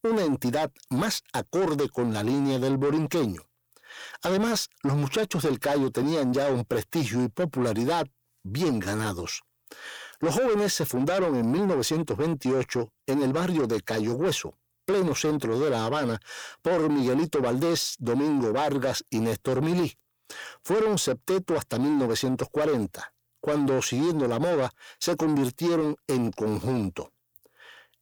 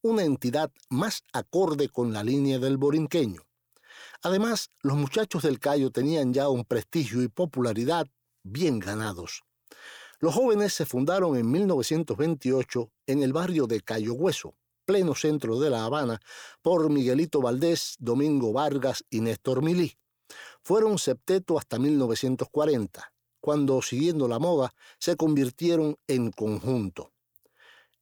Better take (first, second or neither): second